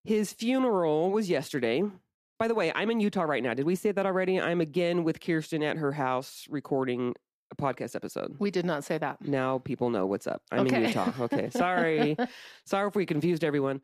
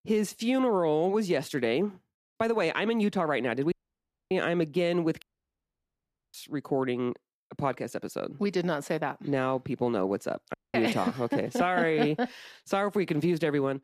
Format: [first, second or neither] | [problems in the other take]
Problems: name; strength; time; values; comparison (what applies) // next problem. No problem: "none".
first | audio cutting out; at 3.5 s for 0.5 s, at 5 s for 1 s and at 11 s